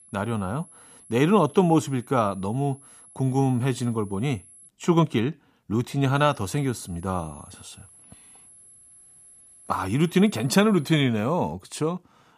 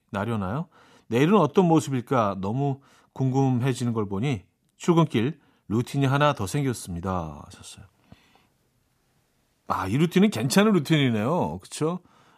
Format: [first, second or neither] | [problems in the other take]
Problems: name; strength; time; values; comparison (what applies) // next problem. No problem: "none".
second | high-pitched whine; faint; until 4.5 s and from 6 to 11 s; 11 kHz, 25 dB below the speech